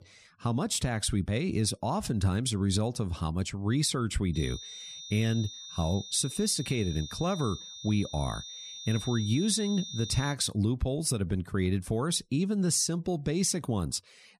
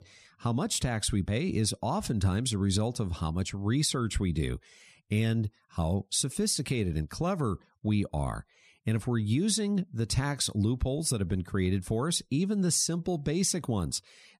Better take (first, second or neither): second